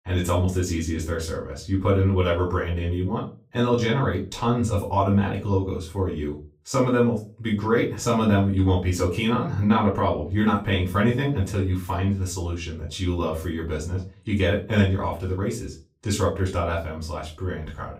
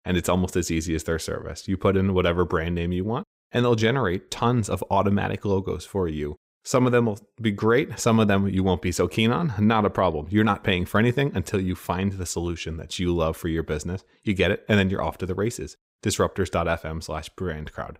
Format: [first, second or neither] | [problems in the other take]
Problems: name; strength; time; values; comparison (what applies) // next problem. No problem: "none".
second | off-mic speech; far // room echo; slight; dies away in 0.3 s